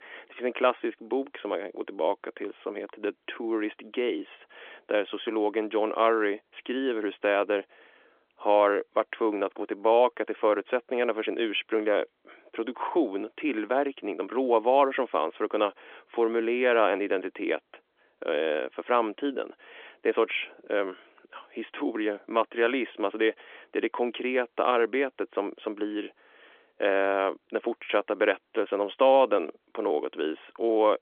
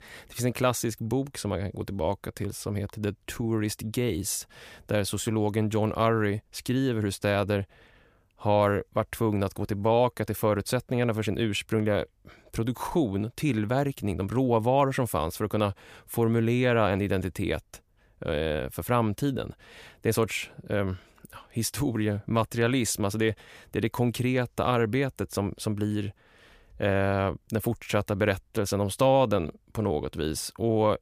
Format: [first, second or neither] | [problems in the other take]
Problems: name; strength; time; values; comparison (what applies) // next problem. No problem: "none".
second | phone-call audio; nothing above 3.5 kHz